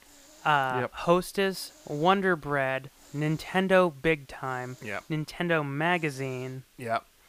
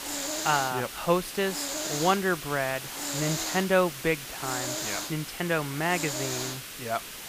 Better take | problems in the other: first | hiss; loud; throughout; 4 dB below the speech; faint in the first

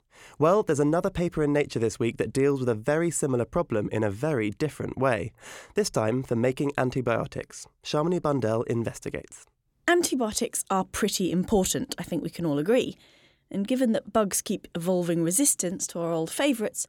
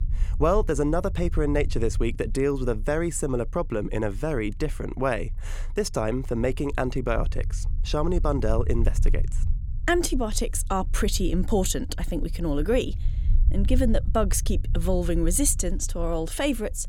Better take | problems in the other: first | low rumble; faint; throughout; 25 dB below the speech

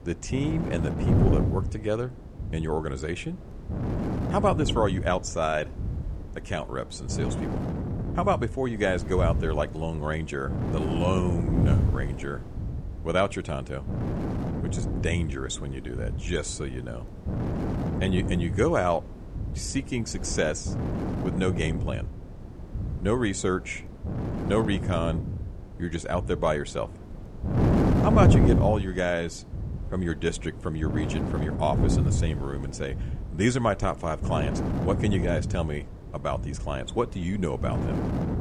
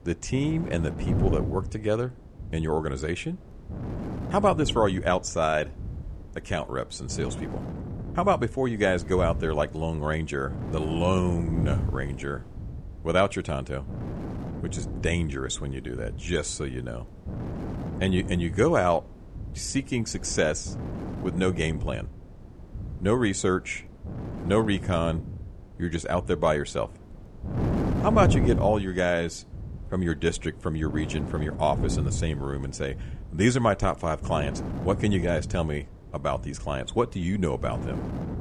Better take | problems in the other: second | wind noise on the microphone; heavy; 6 dB below the speech; occasional gusts in the second

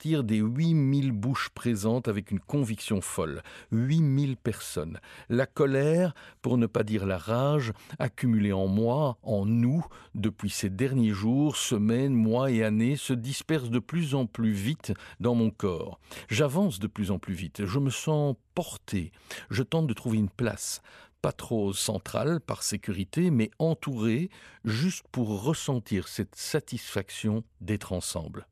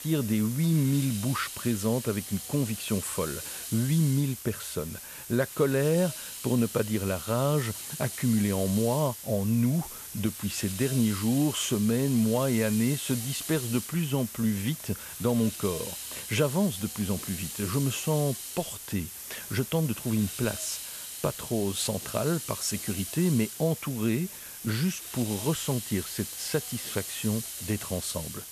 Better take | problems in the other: first | hiss; loud; throughout; 7 dB below the speech

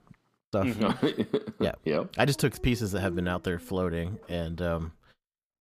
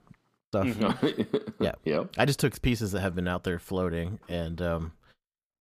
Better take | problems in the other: second | dog barking; noticeable; from 2.5 to 4.5 s; peak 10 dB below the speech

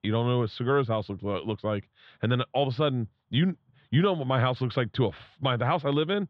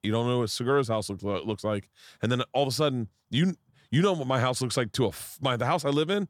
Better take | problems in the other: second | muffled; very; fading above 3.5 kHz

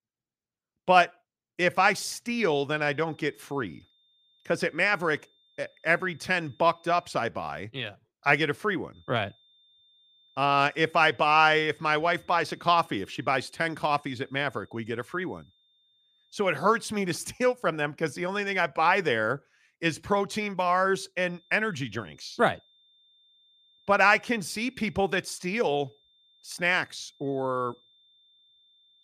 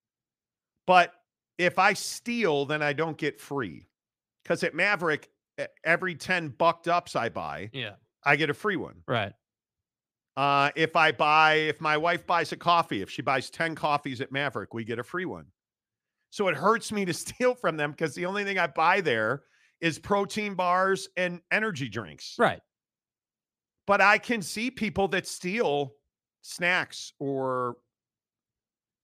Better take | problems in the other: second | high-pitched whine; faint; from 3 to 7 s, from 9 to 17 s and from 21 s on; 3.5 kHz, 35 dB below the speech

